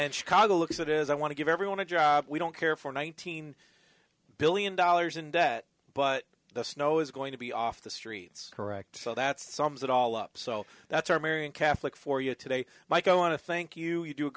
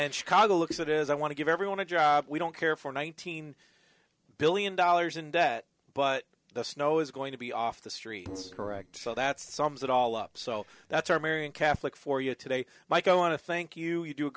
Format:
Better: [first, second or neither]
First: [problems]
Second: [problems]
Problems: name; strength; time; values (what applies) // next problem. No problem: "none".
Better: first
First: none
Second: noise reduction (neural separator model SepFormer DNS4)